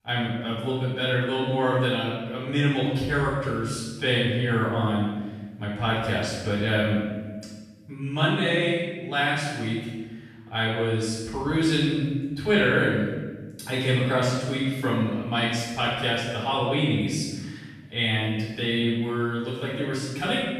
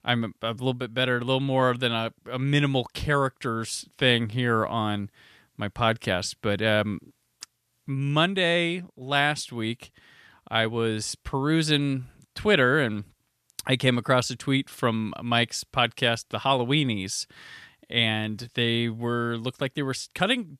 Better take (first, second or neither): second